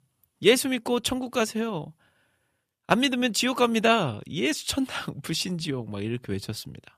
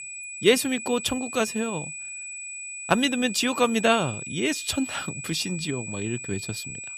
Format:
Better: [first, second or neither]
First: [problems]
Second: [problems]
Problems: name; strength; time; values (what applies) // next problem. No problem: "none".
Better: first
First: none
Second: high-pitched whine; loud; throughout; 2.5 kHz, 8 dB below the speech